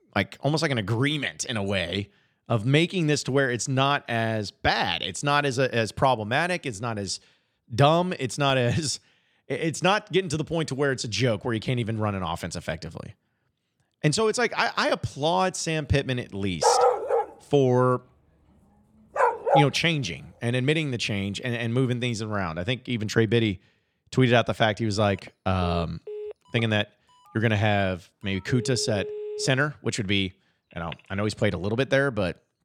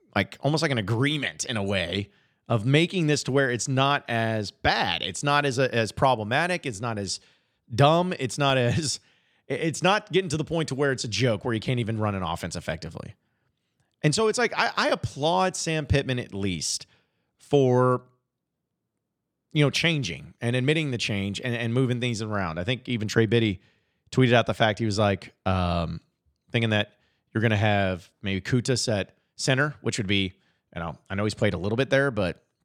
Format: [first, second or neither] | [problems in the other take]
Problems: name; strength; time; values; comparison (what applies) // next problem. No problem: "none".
second | dog barking; loud; from 17 to 20 s; peak 5 dB above the speech // phone ringing; noticeable; from 25 to 31 s; peak 9 dB below the speech